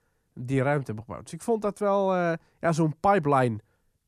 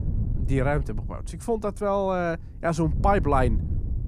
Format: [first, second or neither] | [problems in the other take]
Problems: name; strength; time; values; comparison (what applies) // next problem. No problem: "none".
first | wind noise on the microphone; occasional gusts; 20 dB below the speech